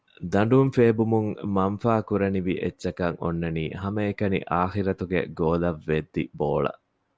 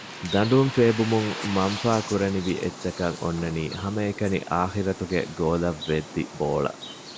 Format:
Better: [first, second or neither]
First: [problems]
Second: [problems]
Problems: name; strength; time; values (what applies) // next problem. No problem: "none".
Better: first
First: none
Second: background sound (Bird); 13 dB below the speech